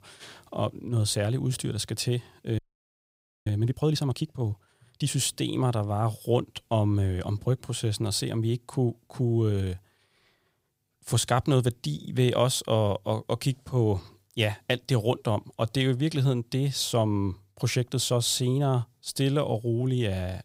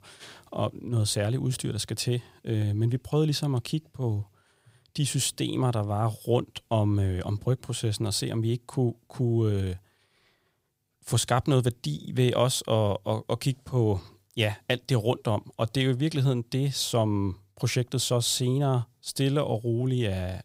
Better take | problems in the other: second | audio freezing; at 2.5 s for 1 s

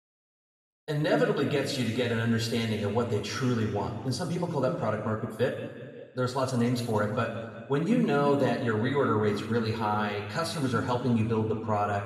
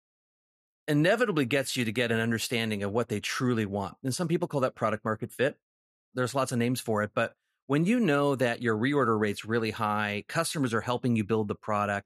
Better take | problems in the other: second | room echo; noticeable; dies away in 1.6 s // off-mic speech; somewhat distant

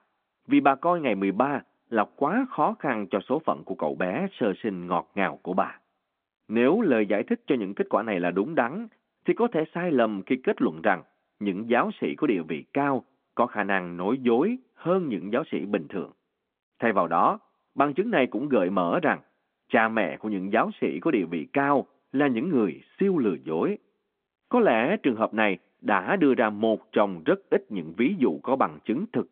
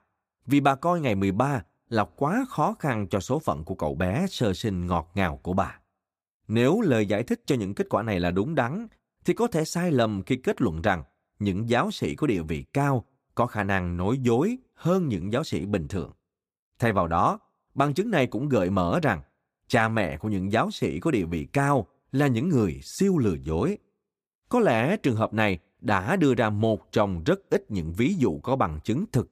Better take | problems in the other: second | phone-call audio

